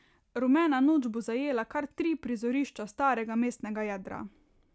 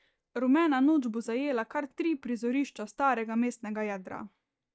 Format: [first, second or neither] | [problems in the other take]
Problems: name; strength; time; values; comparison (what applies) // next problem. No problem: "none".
first | noise reduction (neural mask model DeepFilterNet 3)